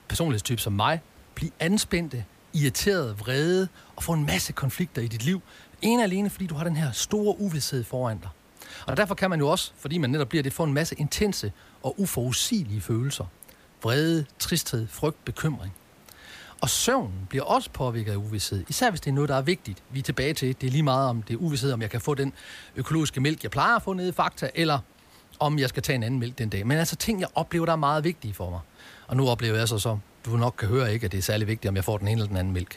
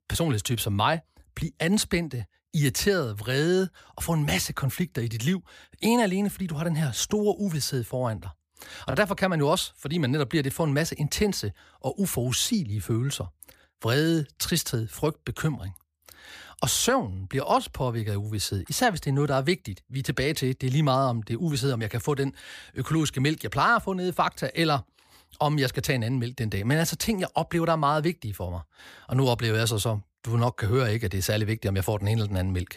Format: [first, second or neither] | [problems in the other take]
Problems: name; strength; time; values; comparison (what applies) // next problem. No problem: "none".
second | hiss; faint; throughout; 30 dB below the speech